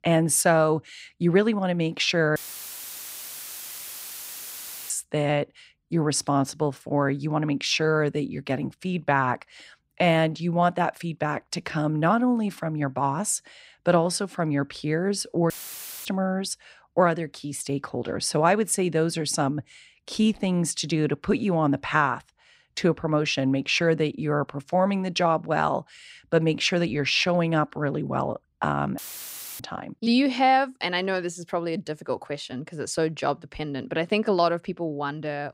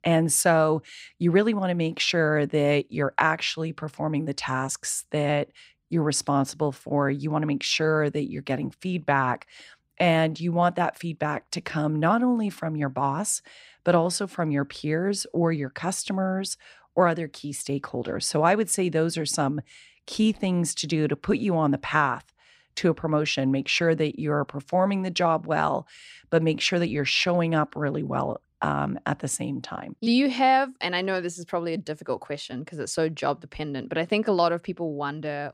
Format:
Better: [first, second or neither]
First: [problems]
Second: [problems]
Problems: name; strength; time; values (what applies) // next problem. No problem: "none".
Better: second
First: audio cutting out; filled with static; at 2.5 s for 2.5 s, at 16 s for 0.5 s and at 29 s for 0.5 s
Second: none